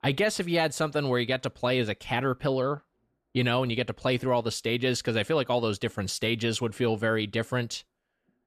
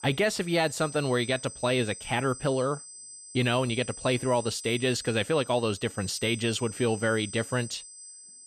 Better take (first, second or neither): first